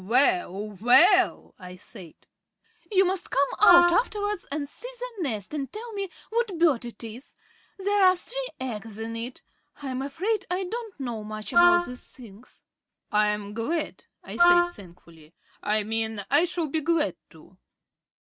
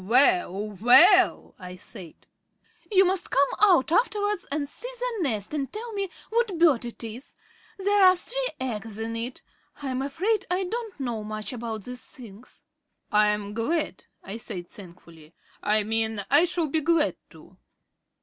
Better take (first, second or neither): second